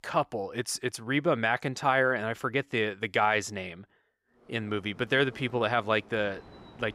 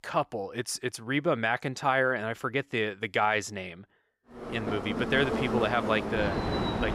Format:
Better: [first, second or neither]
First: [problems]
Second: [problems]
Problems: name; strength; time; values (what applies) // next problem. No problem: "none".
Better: first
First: train or aircraft noise; faint; from 4.5 s on; 25 dB below the speech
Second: train or aircraft noise; loud; from 4.5 s on; 3 dB below the speech